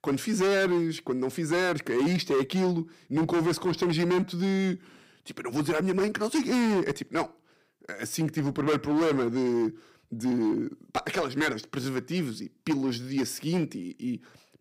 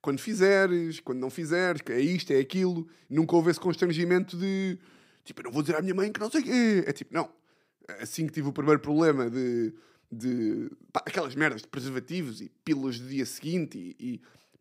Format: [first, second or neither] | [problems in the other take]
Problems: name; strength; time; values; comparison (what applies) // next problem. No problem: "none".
second | distortion; heavy; 12% of the sound clipped